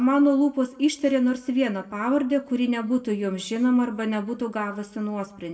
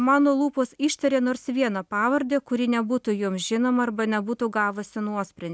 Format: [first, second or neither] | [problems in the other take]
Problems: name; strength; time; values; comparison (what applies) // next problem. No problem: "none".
second | room echo; dies away in 0.6 s